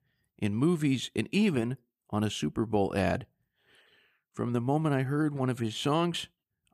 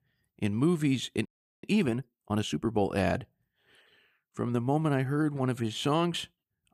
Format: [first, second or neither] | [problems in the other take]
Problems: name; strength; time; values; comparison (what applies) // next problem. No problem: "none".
first | audio freezing; at 1.5 s